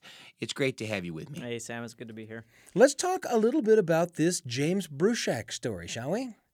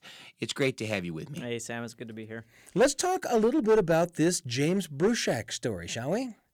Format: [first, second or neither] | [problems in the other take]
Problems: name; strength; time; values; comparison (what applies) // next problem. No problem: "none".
first | distortion; slight; 3% of the sound clipped